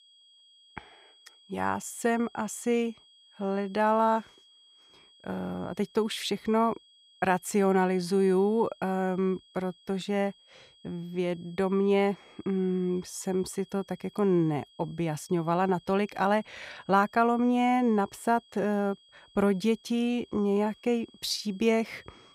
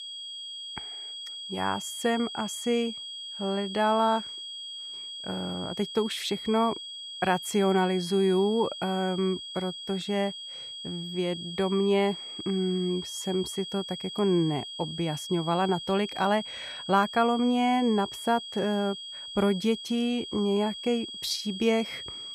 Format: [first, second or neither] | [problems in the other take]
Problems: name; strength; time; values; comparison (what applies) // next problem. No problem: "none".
first | high-pitched whine; loud; throughout; 3.5 kHz, 9 dB below the speech; faint in the first